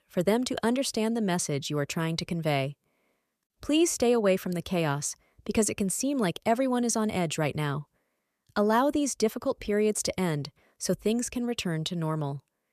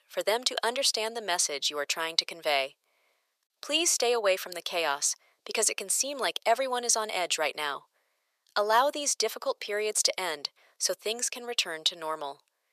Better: first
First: none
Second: thin; very; fading below 550 Hz

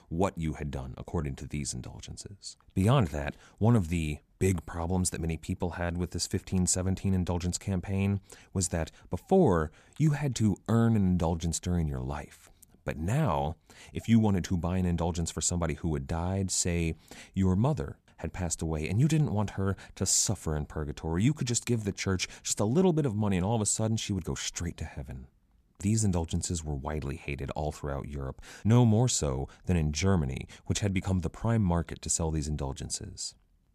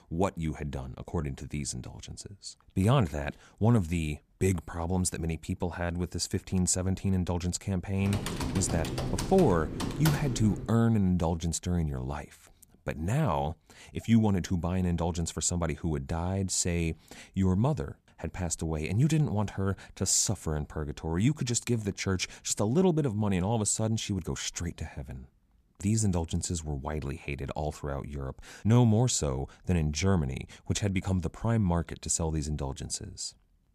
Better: first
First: none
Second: keyboard typing; noticeable; from 8 to 11 s; peak 3 dB below the speech

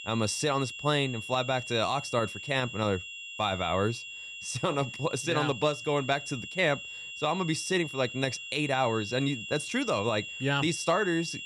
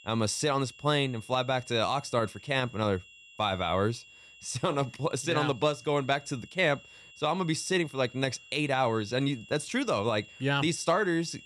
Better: second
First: high-pitched whine; loud; throughout; 3 kHz, 9 dB below the speech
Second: high-pitched whine; faint; throughout; 3 kHz, 20 dB below the speech

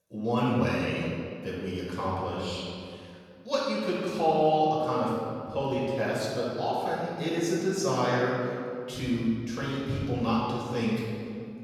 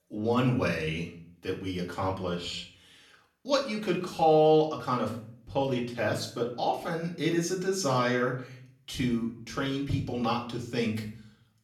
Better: second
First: room echo; strong; dies away in 2.1 s // off-mic speech; far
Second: room echo; slight; dies away in 0.5 s // off-mic speech; far

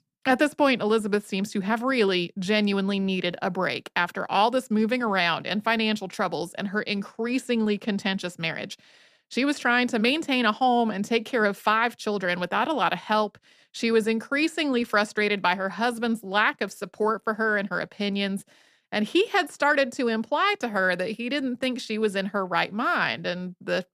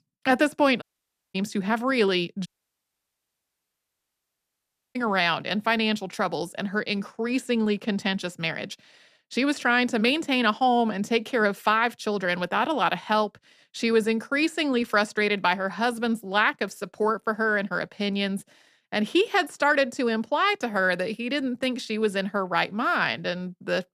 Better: first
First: none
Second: audio cutting out; at 1 s for 0.5 s and at 2.5 s for 2.5 s

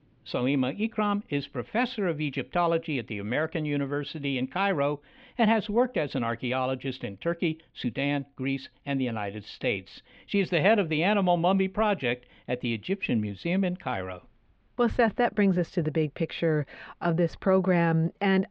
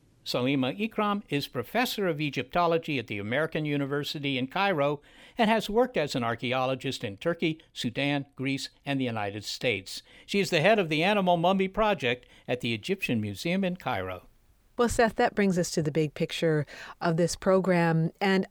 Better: second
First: muffled; slightly; fading above 3.5 kHz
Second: none

